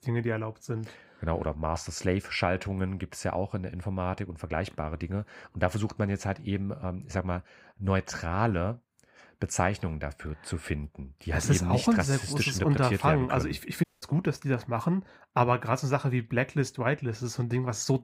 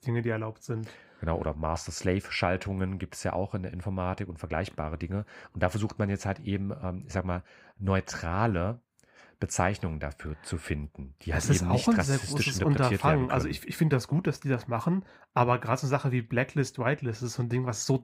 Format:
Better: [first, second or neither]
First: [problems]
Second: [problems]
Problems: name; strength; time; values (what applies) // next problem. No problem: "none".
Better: second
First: audio cutting out; at 14 s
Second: none